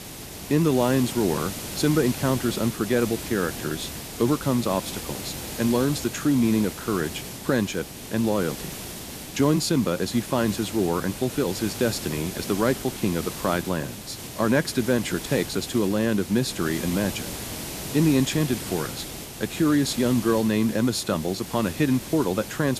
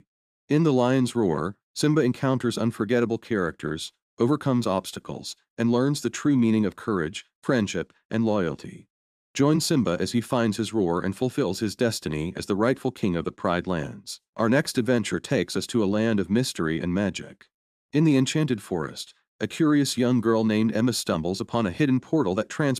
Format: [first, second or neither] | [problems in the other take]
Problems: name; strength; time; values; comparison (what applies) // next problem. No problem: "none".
second | hiss; loud; throughout; 9 dB below the speech